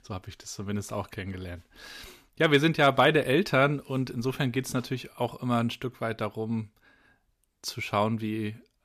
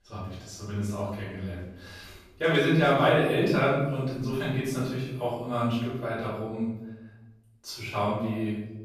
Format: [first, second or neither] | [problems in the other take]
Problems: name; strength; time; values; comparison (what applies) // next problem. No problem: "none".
first | off-mic speech; far // room echo; noticeable; dies away in 0.9 s